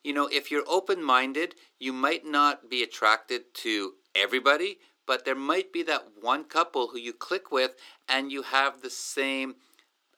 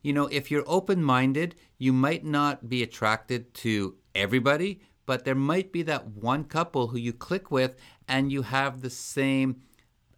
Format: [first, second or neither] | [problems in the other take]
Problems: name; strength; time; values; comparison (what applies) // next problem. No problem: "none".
second | thin; somewhat; fading below 300 Hz